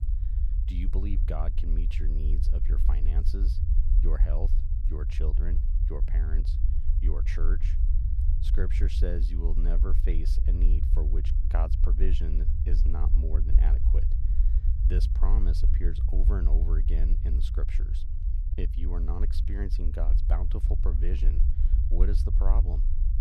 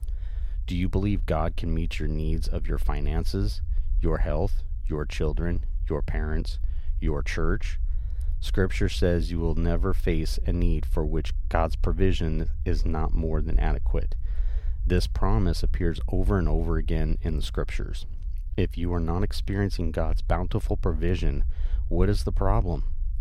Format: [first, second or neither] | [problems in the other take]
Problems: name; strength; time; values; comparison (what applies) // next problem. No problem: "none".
second | low rumble; loud; throughout; 5 dB below the speech; faint in the second